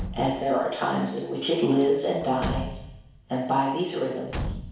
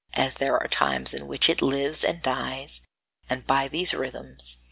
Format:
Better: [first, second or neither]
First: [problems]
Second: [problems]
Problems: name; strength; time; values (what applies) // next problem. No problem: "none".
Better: second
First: background sound (Slam / Truck / Car); 10 dB below the speech // room echo; dies away in 1 s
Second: none